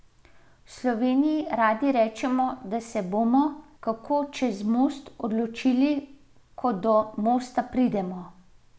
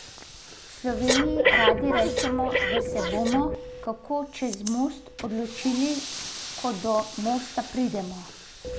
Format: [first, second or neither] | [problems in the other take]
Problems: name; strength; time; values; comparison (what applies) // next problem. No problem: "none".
first | background sound (Breathing); 1 dB below the speech